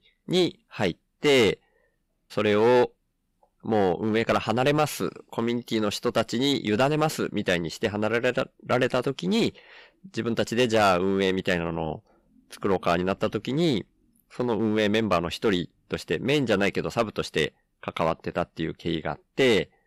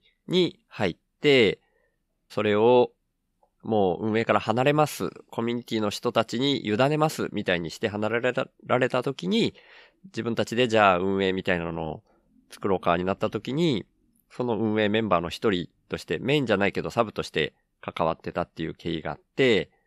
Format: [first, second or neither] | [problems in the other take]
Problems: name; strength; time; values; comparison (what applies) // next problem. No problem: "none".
second | distortion; slight; 6% of the sound clipped